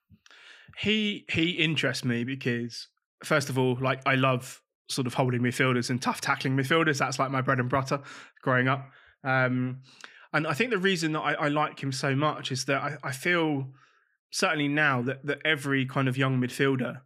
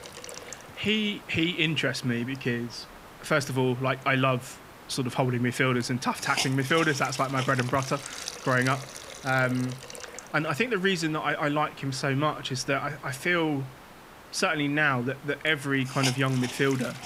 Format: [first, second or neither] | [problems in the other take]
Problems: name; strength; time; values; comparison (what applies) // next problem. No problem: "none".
first | hiss; noticeable; throughout; 15 dB below the speech